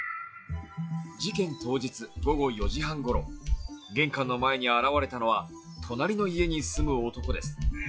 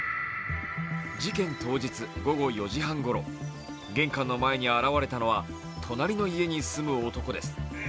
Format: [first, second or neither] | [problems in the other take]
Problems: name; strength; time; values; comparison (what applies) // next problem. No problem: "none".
second | noise reduction (classical method log-MMSE)